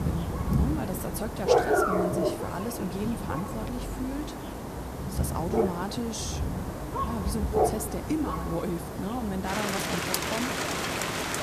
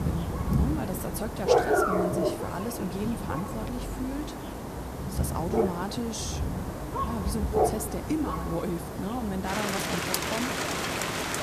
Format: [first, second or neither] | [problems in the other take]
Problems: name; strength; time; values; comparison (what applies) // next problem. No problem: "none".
neither | rain or running water; very loud; throughout; 4 dB above the speech; the same in both